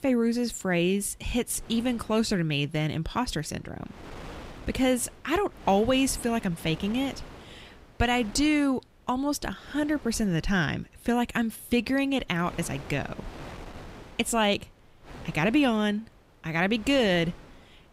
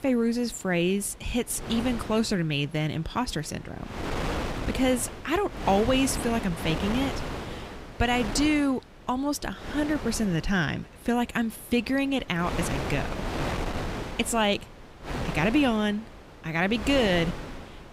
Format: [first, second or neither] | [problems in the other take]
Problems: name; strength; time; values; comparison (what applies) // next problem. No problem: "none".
first | wind noise on the microphone; heavy; 7 dB below the speech; occasional gusts in the first